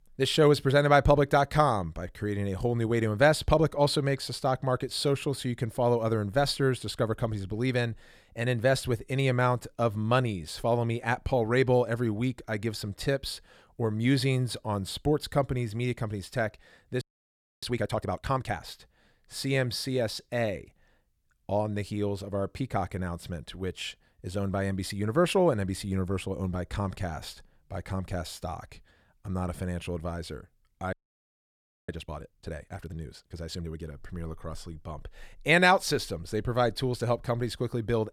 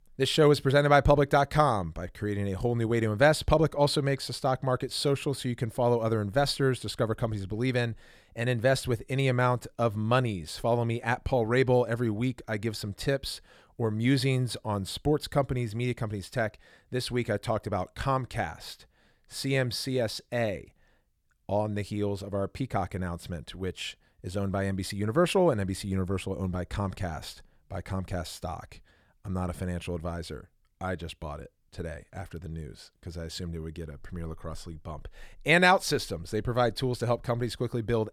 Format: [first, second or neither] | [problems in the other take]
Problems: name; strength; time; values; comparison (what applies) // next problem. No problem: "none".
second | audio freezing; at 17 s for 0.5 s and at 31 s for 1 s